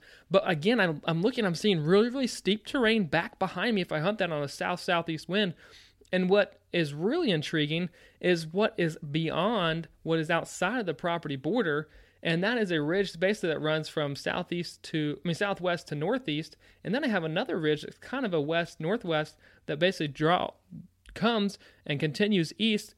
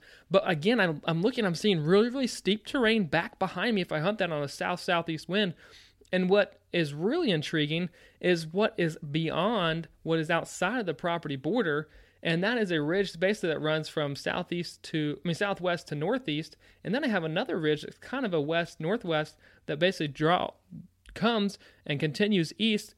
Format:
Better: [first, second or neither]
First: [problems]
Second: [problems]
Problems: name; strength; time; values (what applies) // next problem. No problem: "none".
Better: neither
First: none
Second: none